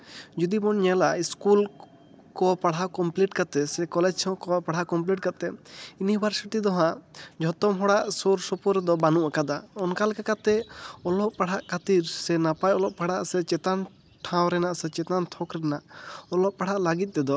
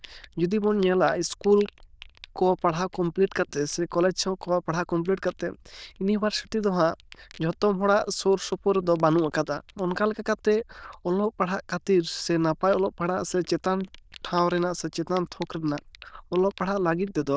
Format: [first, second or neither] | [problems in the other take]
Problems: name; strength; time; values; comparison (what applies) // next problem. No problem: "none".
first | noise reduction (neural diffusion model UNIVERSE++)